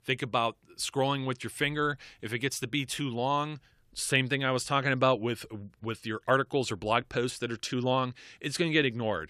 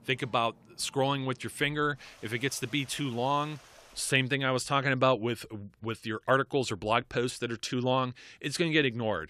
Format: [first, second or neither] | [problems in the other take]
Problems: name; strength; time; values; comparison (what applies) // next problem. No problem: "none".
first | rain or running water; faint; until 4 s; 25 dB below the speech